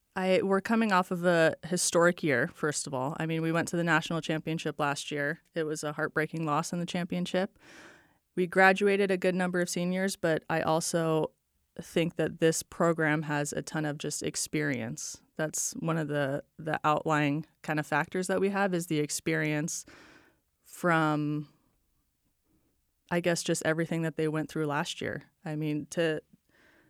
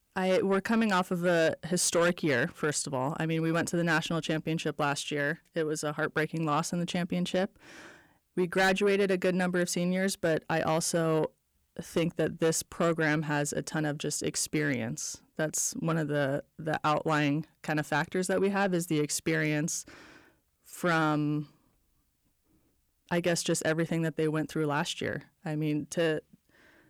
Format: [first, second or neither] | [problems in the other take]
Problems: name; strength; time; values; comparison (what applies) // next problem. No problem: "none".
first | distortion; slight; 10 dB below the speech